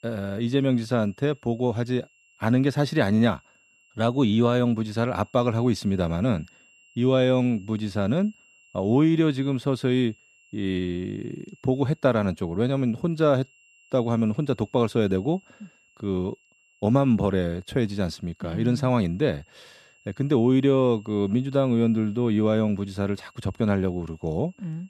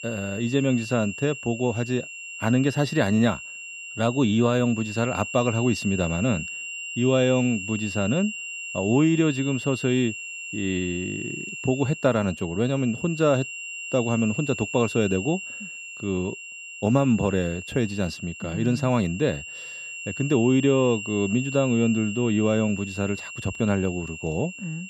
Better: first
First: high-pitched whine; faint; throughout; 2.5 kHz, 30 dB below the speech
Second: high-pitched whine; loud; throughout; 2.5 kHz, 9 dB below the speech

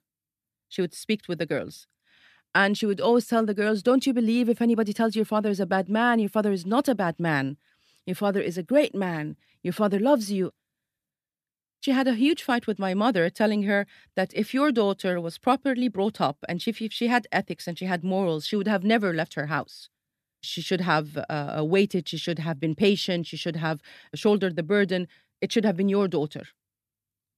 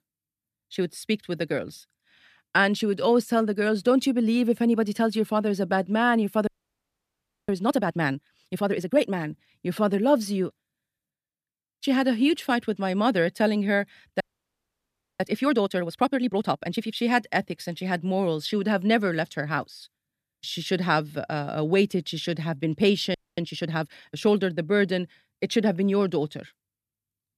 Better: first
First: none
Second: audio freezing; at 6.5 s for 1 s, at 14 s for 1 s and at 23 s

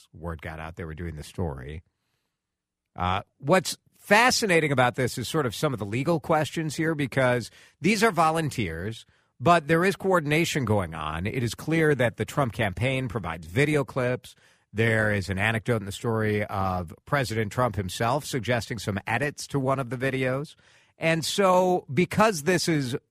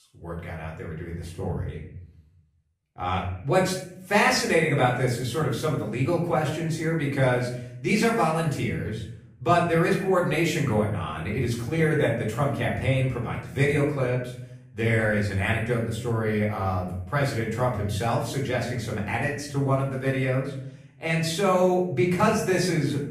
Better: first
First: none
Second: off-mic speech; far // room echo; noticeable; dies away in 0.6 s

